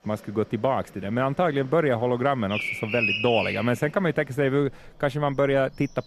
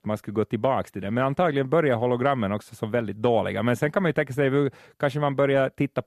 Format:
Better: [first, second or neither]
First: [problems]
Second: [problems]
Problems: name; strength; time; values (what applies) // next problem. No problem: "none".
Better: second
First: animal sounds; loud; throughout; 2 dB below the speech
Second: none